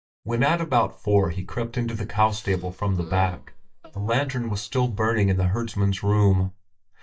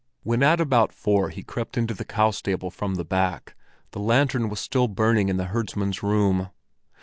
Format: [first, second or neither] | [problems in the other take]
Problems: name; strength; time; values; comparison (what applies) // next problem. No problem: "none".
second | noise reduction (neural mask model DeepFilterNet 3)